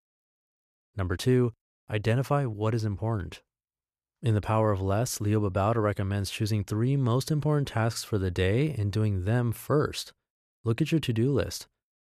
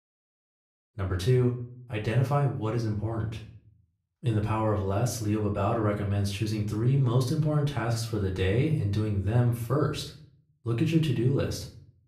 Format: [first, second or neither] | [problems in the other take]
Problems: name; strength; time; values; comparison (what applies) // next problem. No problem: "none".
first | room echo; slight; dies away in 0.4 s // off-mic speech; far